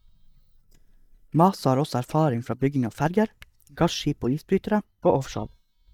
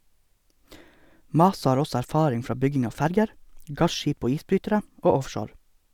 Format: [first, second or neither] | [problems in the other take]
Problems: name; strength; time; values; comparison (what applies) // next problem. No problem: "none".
second | noise reduction (neural mask model DeepFilterNet 3)